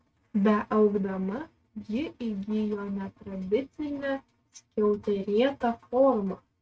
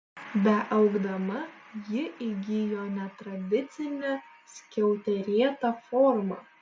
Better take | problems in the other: second | noise reduction (neural mask model RNNoise)

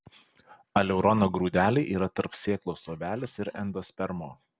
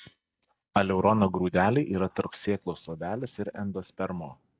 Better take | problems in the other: first | noise reduction (neural mask model DeepFilterNet 3)

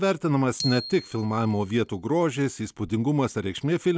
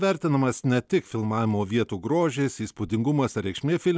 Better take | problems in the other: second | background sound (Glockenspiel); 16 dB below the speech

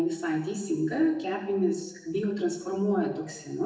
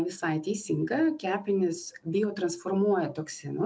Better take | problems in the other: second | room echo; dies away in 0.8 s

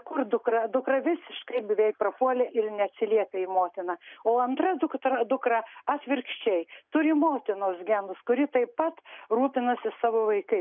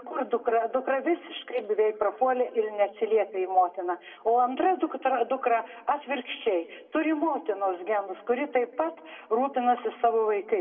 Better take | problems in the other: first | room echo; dies away in 1 s

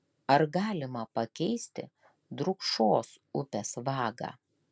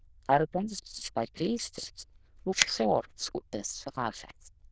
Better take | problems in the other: first | noise reduction (neural diffusion model UNIVERSE++)

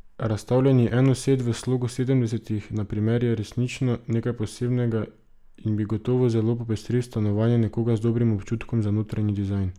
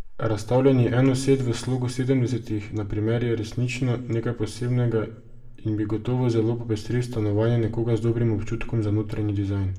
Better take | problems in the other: first | room echo; dies away in 0.6 s

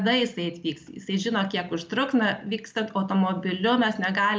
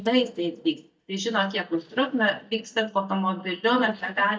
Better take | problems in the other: first | noise reduction (neural mask model DeepFilterNet 3)

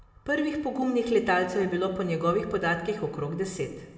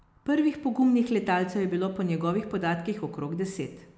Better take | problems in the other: second | room echo; dies away in 1.3 s

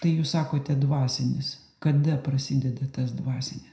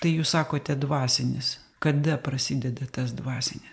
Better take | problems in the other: second | room echo; dies away in 0.5 s

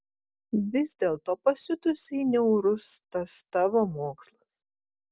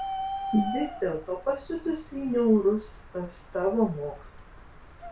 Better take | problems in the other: first | background sound (Bird); 10 dB below the speech // room echo; dies away in 0.2 s

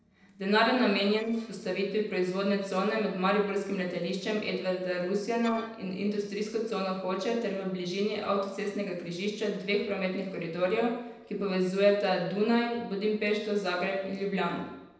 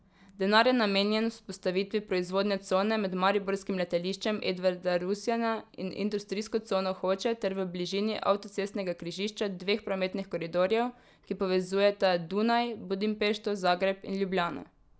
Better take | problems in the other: second | noise reduction (neural separator model SepFormer DNS4)

